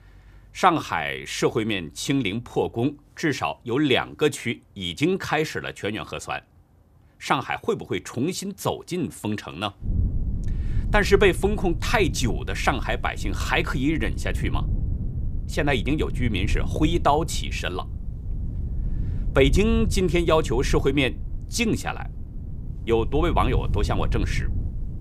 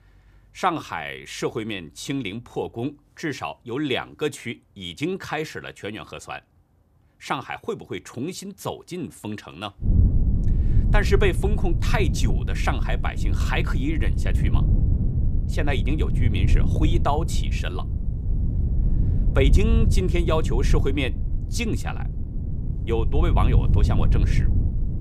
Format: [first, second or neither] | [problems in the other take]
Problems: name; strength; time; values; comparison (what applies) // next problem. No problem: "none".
first | wind noise on the microphone; heavy; from 10 s on; 9 dB below the speech; occasional gusts in the first